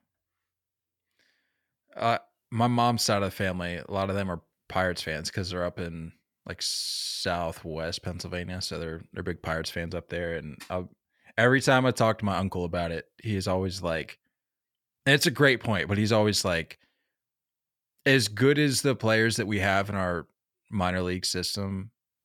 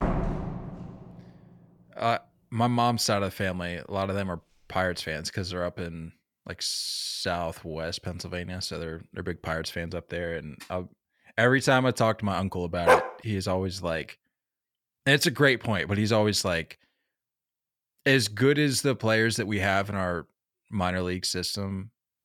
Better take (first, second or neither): first